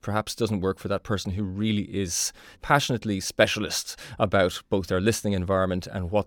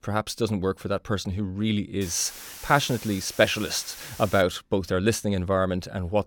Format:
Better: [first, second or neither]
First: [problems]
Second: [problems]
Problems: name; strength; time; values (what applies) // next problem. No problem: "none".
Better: first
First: none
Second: hiss; noticeable; from 2 to 4.5 s; 15 dB below the speech